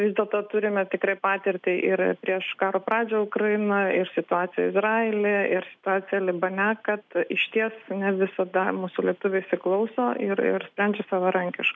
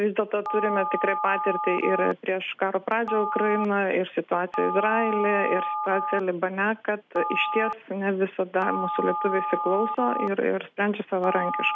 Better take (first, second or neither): first